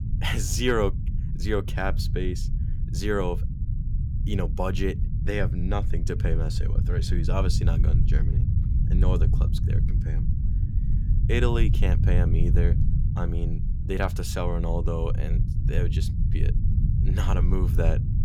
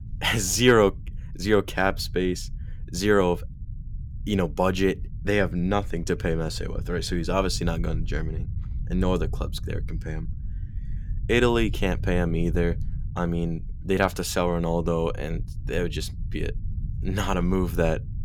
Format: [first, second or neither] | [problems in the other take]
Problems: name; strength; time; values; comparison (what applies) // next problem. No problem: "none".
second | low rumble; loud; throughout; 9 dB below the speech; faint in the second